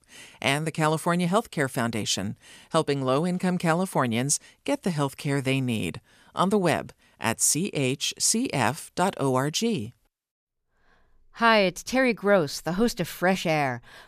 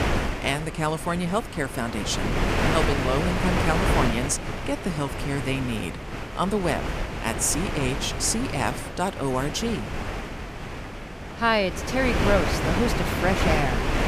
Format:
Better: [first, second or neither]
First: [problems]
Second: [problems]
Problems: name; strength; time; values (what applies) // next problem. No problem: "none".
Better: first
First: none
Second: wind noise on the microphone; heavy; 2 dB below the speech